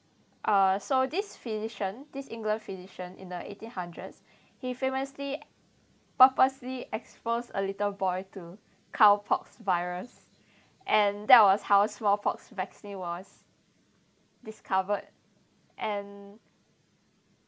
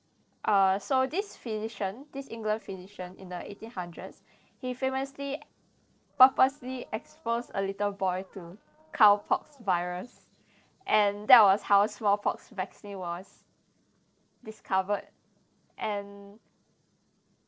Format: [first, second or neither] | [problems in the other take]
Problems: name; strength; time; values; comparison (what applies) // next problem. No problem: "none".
first | noise reduction (neural separator model SepFormer DNS4)